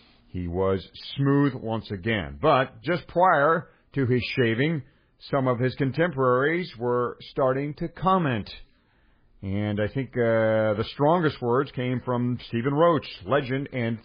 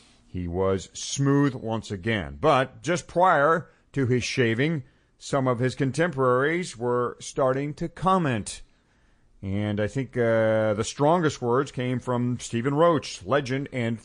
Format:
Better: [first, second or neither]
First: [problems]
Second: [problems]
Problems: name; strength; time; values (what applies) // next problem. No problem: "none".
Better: second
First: garbled, watery; badly; nothing above 5 kHz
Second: garbled, watery; slightly; nothing above 9 kHz